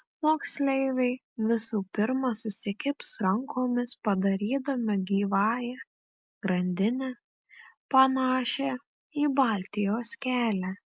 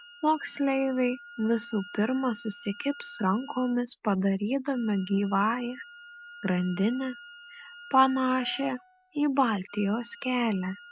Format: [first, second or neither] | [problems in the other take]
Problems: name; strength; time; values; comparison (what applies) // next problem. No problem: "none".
first | background sound (Piano + Wind instrument, woodwind instrument); 20 dB below the speech